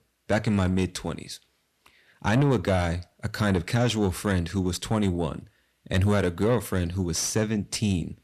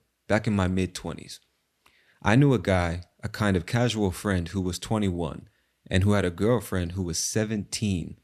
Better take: second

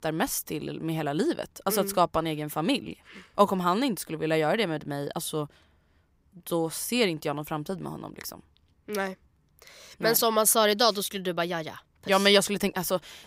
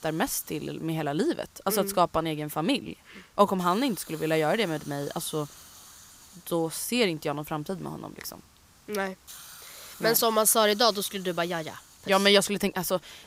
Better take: first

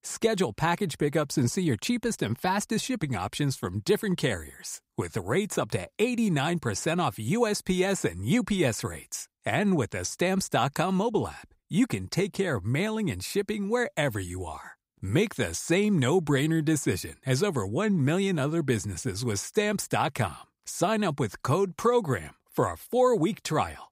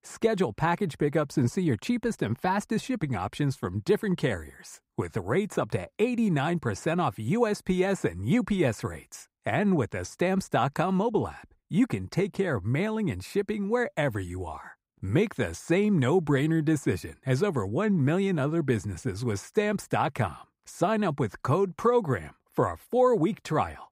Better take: first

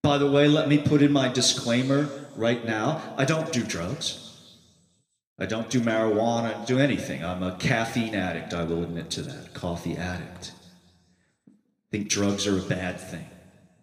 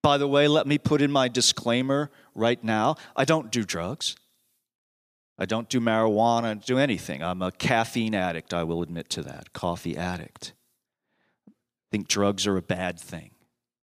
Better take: second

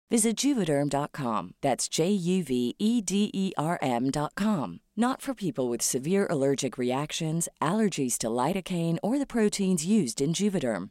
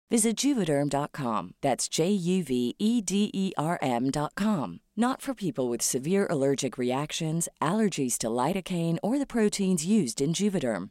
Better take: neither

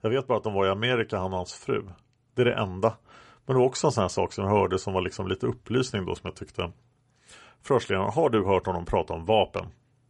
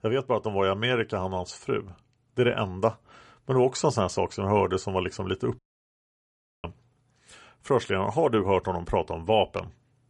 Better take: first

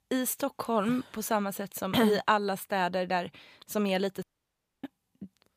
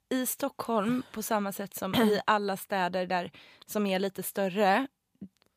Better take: second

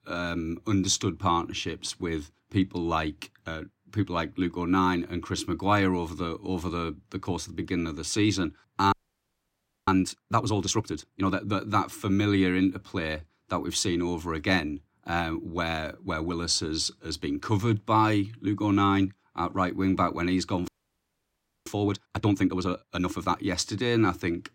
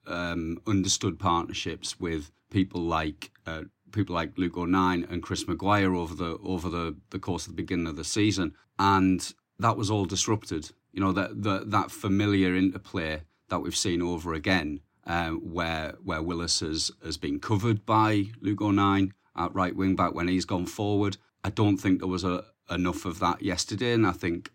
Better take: second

